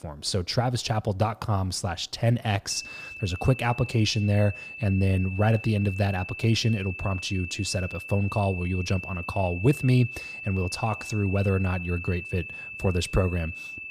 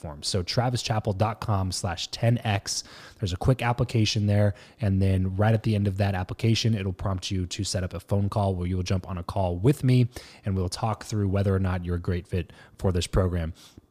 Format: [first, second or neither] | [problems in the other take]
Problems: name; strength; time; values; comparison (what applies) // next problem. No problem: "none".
second | high-pitched whine; loud; from 2.5 s on; 2.5 kHz, 10 dB below the speech